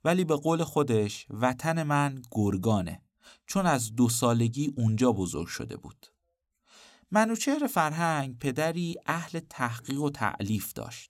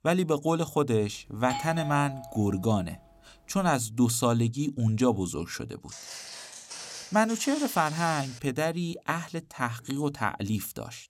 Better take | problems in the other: first | doorbell; noticeable; from 1.5 to 2.5 s; peak 7 dB below the speech // footsteps; faint; from 6 to 8.5 s; peak 10 dB below the speech

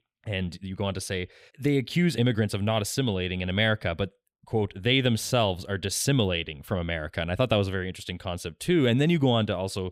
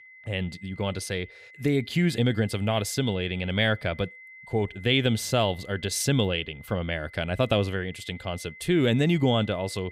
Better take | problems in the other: first | high-pitched whine; noticeable; throughout; 2 kHz, 20 dB below the speech

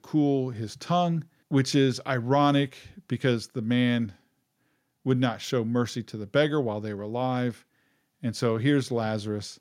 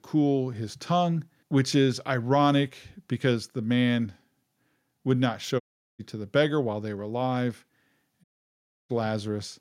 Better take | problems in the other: first | audio cutting out; at 5.5 s and at 8 s for 0.5 s

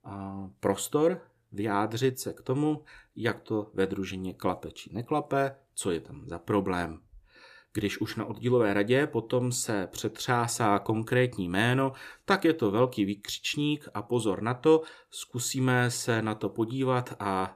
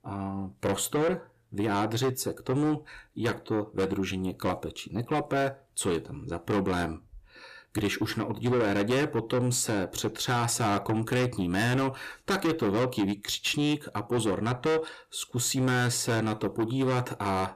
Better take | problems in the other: first | distortion; heavy; 7 dB below the speech

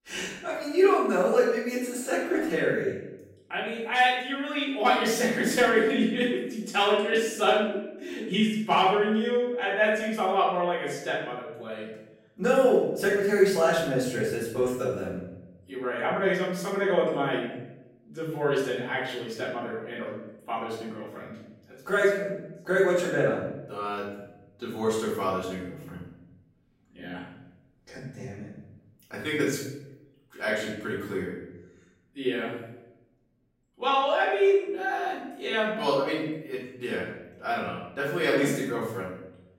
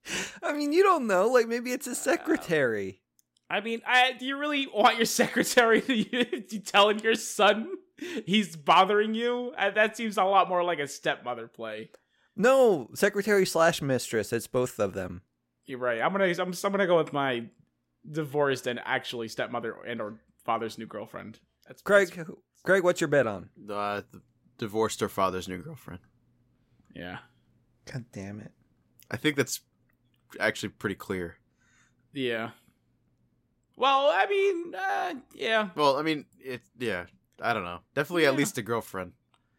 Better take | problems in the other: second | off-mic speech; far // room echo; noticeable; dies away in 0.8 s

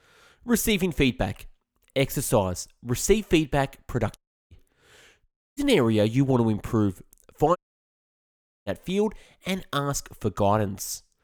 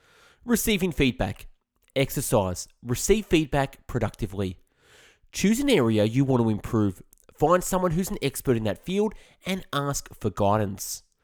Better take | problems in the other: second | audio cutting out; at 4 s, at 5.5 s and at 7.5 s for 1 s

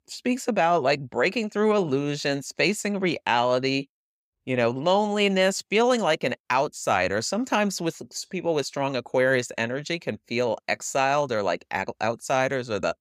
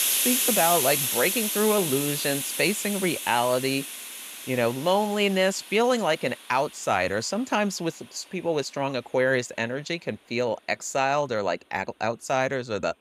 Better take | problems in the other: first | hiss; loud; throughout; 1 dB below the speech

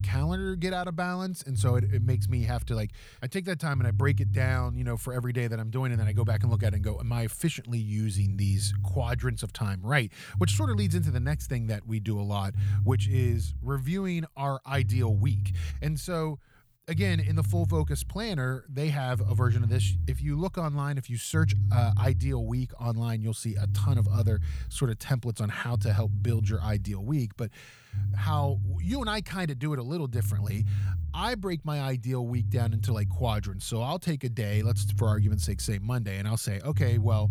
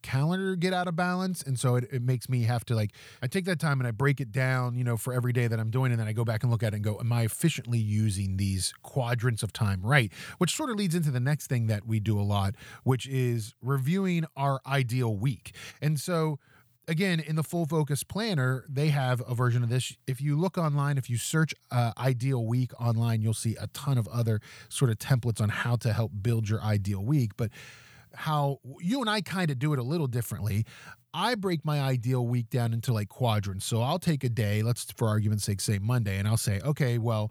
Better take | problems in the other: second | low rumble; loud; throughout; 9 dB below the speech

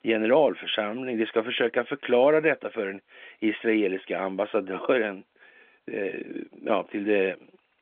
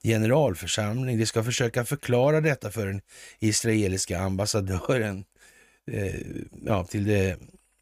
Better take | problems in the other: second | phone-call audio; nothing above 3.5 kHz

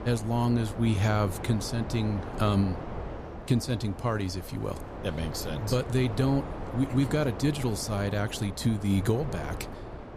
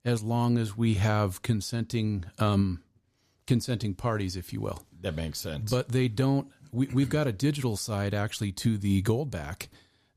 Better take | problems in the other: second | wind noise on the microphone; heavy; 8 dB below the speech

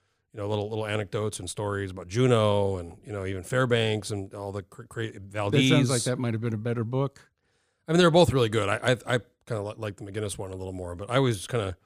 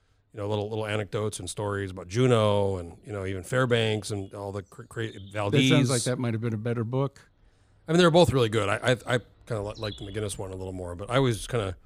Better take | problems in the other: first | animal sounds; faint; throughout; 25 dB below the speech

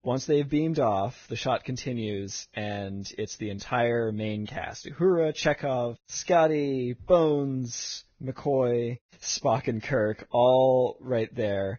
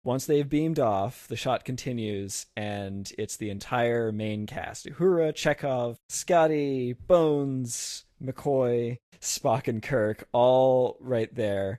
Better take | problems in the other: second | garbled, watery; badly; nothing above 6.5 kHz; slightly in the second

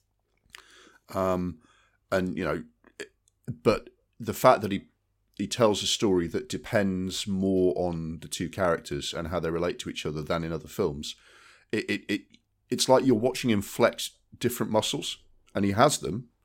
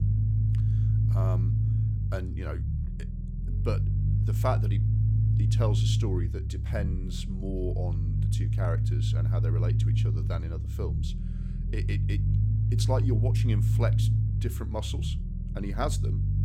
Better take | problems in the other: first | low rumble; loud; throughout; 4 dB below the speech

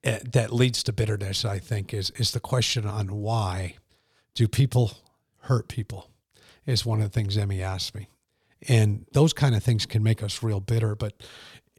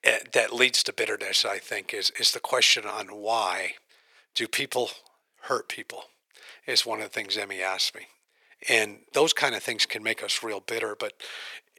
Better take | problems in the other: first | thin; very; fading below 450 Hz

